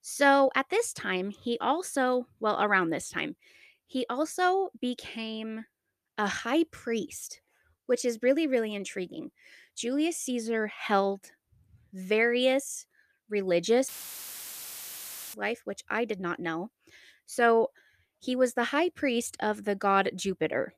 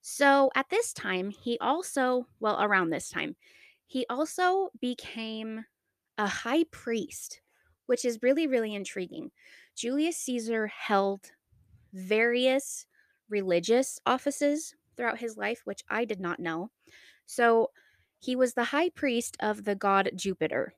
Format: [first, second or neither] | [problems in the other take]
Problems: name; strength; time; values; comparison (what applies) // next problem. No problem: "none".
second | audio cutting out; filled with static; at 14 s for 1.5 s